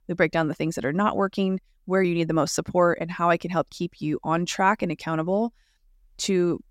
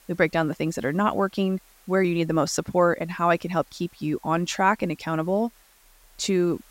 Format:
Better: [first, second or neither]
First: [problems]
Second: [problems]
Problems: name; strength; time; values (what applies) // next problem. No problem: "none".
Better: first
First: none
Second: hiss; faint; throughout; 30 dB below the speech